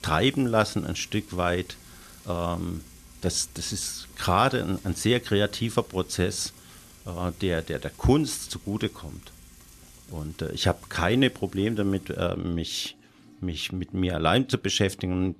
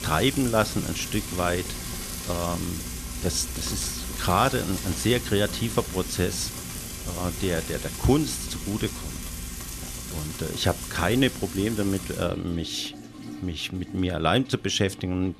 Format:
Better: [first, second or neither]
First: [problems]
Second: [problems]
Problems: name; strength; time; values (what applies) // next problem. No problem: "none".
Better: first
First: household noises; faint; throughout; 20 dB below the speech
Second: household noises; loud; throughout; 7 dB below the speech